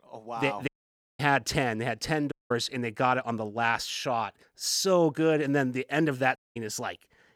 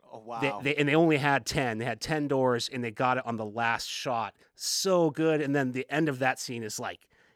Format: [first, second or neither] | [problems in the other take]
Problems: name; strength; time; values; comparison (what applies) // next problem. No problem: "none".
second | audio cutting out; at 0.5 s for 0.5 s, at 2.5 s and at 6.5 s